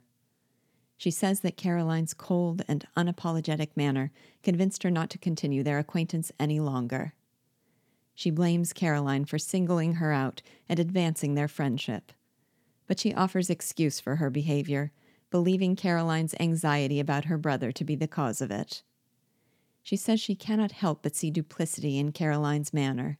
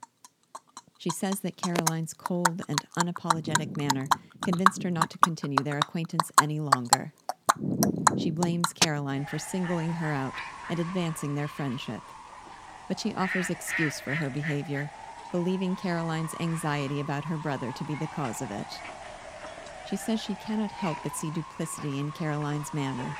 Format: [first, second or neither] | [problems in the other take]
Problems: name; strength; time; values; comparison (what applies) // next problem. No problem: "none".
first | animal sounds; very loud; throughout; 2 dB above the speech